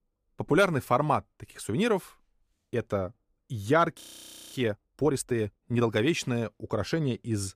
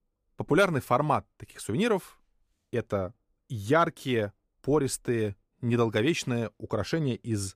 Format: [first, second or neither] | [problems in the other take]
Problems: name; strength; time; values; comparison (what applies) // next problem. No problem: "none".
second | audio freezing; at 4 s for 0.5 s